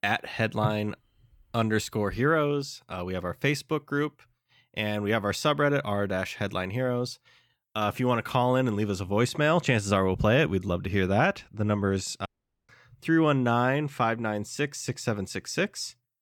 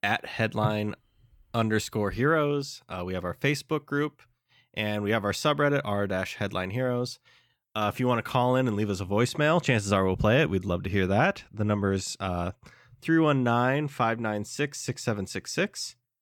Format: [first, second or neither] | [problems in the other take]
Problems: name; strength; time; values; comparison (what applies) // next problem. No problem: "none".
second | audio cutting out; at 12 s